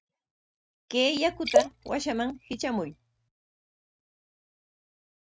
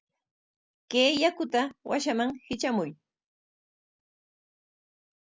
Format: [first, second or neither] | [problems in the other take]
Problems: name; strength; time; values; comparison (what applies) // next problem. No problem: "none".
second | noise reduction (neural mask model RNNoise)